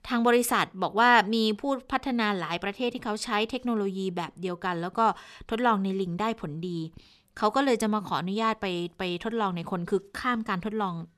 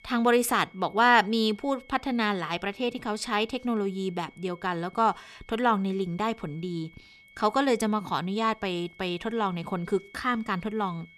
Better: first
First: none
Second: high-pitched whine; faint; throughout; 2 kHz, 25 dB below the speech

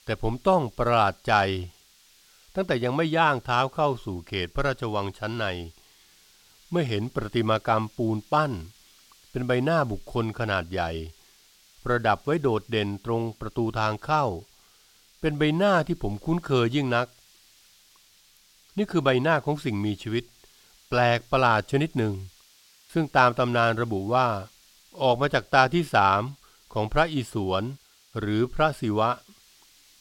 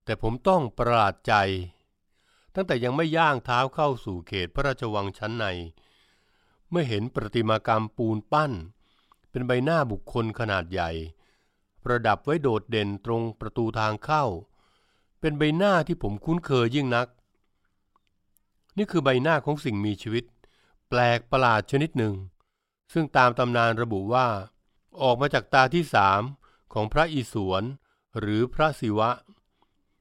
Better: second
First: hiss; faint; throughout; 30 dB below the speech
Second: none

